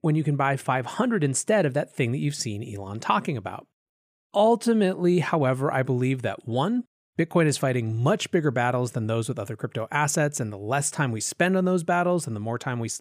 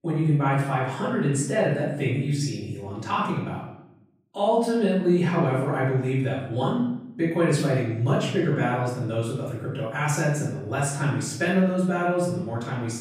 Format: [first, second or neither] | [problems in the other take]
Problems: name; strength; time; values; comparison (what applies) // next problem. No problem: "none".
first | off-mic speech; far // room echo; noticeable; dies away in 0.8 s